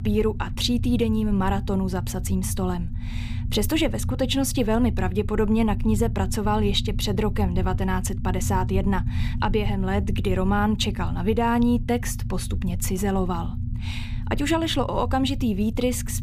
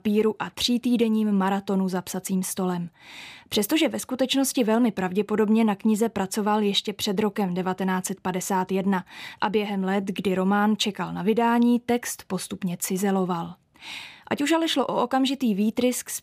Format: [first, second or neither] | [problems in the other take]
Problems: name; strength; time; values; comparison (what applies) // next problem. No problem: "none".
second | low rumble; noticeable; throughout; 15 dB below the speech